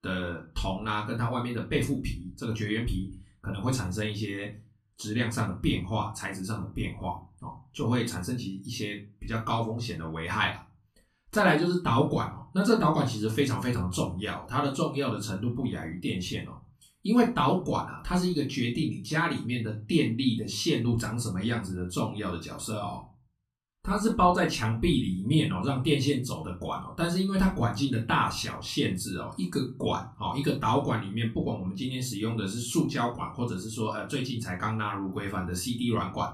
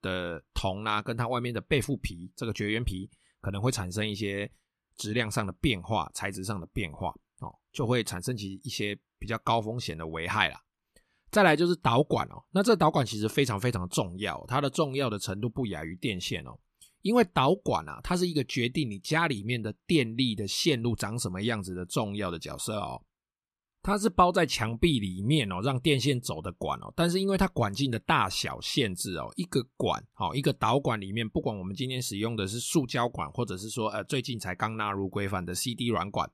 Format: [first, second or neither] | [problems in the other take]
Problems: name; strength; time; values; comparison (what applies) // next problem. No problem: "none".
second | off-mic speech; far // room echo; very slight; dies away in 0.3 s